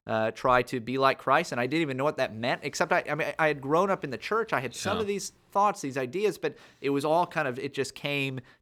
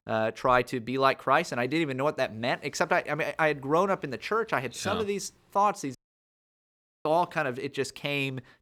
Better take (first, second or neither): first